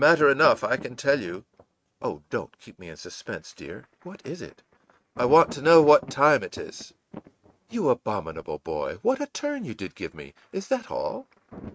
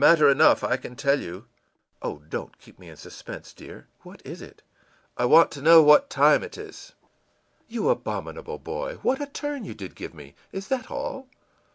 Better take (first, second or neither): second